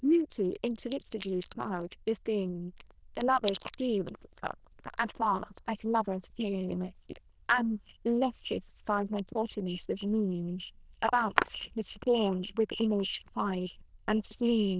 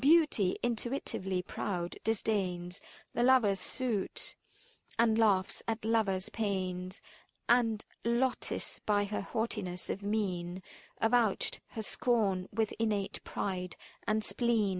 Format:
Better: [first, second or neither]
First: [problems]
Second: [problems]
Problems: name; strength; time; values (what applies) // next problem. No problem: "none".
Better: second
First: noise reduction (neural diffusion model UNIVERSE++)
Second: none